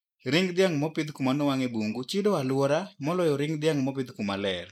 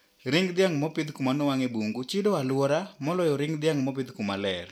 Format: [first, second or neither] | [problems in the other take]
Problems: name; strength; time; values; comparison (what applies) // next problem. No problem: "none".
second | noise reduction (neural mask model Resemble Enhance denoiser)